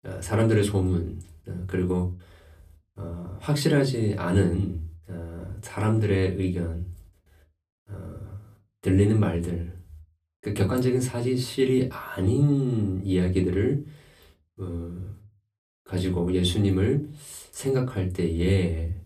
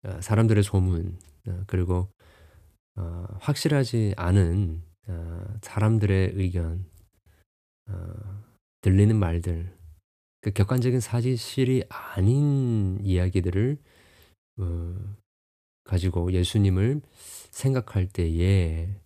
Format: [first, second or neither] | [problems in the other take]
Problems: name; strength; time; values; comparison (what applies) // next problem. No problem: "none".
second | off-mic speech; far // room echo; very slight; dies away in 0.2 s